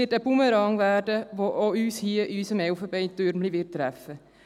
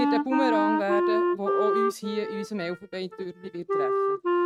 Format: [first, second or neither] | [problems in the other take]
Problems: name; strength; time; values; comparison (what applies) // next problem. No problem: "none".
first | noise reduction (neural mask model RNNoise)